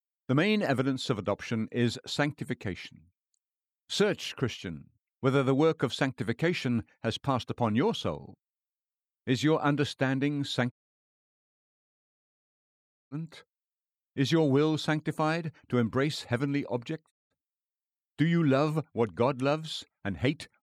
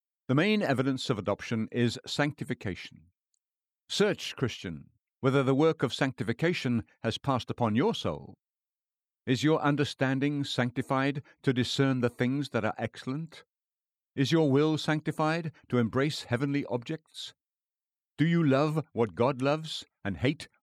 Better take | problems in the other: second | audio cutting out; at 11 s for 2.5 s and at 17 s

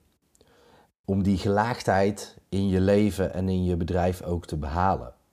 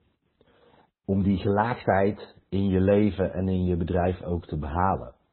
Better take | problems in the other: first | garbled, watery; badly; nothing above 4 kHz

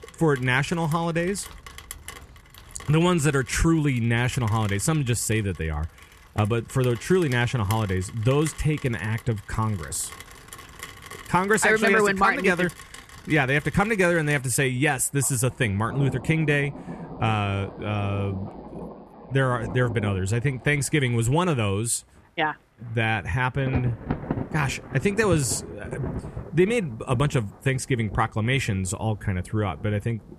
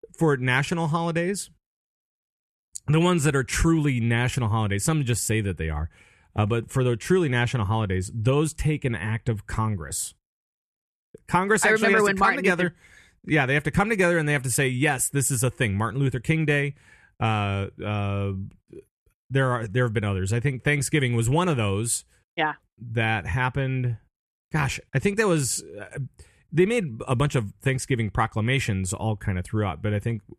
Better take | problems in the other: second | rain or running water; noticeable; throughout; 15 dB below the speech

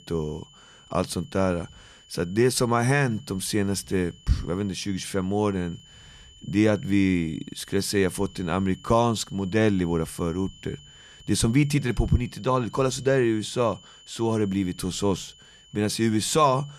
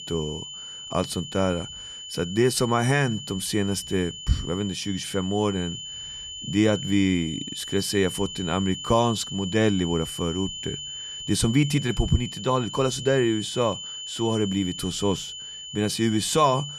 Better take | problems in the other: first | high-pitched whine; loud; throughout; 3 kHz, 9 dB below the speech; faint in the first

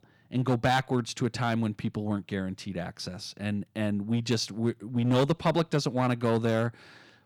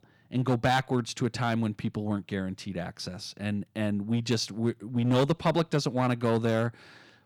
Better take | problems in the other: neither | distortion; slight; 4% of the sound clipped; the same in both

